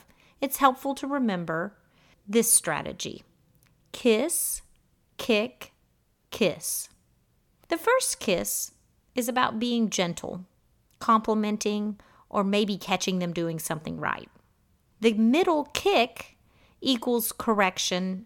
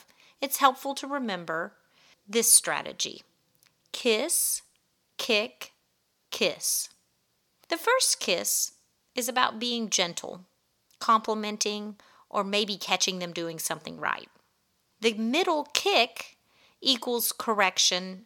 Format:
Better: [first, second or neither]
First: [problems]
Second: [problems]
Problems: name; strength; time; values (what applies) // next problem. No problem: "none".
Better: first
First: none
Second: thin; very slightly; fading below 1 kHz